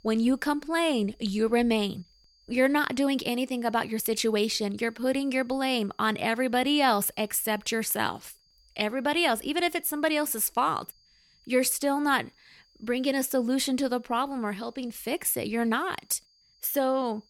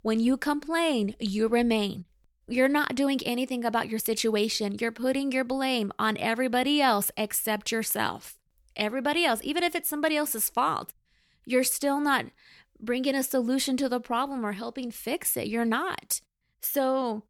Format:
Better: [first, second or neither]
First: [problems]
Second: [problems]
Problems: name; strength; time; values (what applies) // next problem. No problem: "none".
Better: second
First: high-pitched whine; faint; throughout; 5 kHz, 35 dB below the speech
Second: none